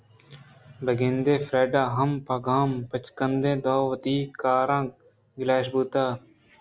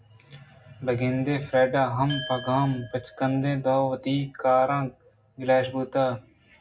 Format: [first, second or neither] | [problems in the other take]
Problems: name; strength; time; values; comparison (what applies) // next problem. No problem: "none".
first | background sound (Glass); 17 dB below the speech // room echo; dies away in 0.3 s